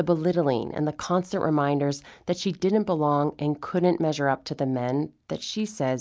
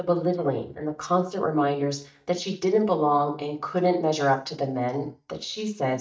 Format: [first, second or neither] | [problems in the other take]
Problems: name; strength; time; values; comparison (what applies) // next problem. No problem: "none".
first | noise reduction (neural mask model DeepFilterNet 3)